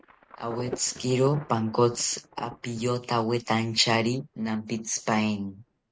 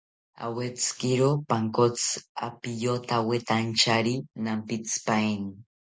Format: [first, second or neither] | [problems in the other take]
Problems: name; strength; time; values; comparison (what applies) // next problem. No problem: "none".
second | noise reduction (neural mask model RNNoise)